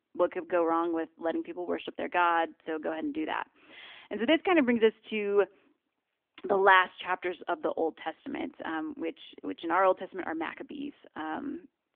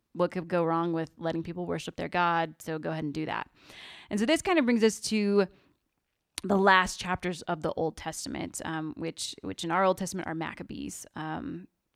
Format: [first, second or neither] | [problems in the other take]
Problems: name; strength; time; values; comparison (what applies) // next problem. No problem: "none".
second | phone-call audio; nothing above 3.5 kHz